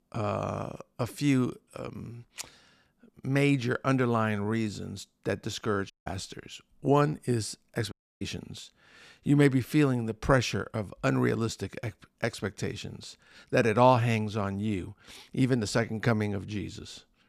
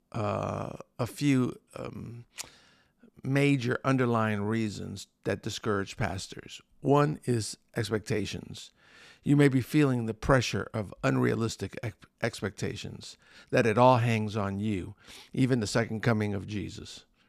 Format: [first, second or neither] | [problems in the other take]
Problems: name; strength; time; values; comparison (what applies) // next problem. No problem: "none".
second | audio cutting out; at 6 s and at 8 s